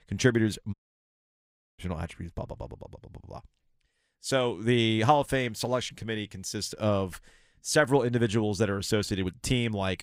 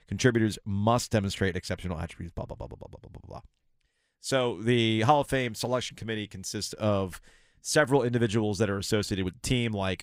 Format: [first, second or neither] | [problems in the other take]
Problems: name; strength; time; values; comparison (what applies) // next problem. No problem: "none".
second | audio cutting out; at 0.5 s for 1 s